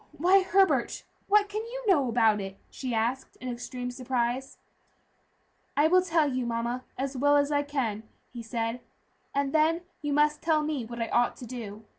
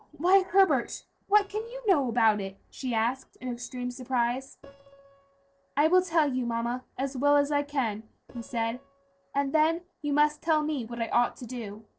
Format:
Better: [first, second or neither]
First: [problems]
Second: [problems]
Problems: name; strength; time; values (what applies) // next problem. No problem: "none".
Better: first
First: none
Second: noise reduction (neural separator model SepFormer DNS4)